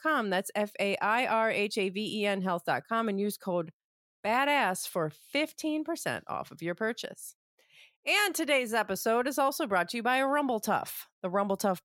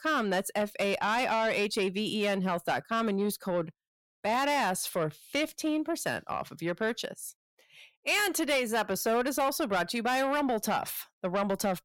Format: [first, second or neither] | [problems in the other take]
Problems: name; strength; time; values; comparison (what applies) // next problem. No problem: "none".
first | distortion; slight; 10 dB below the speech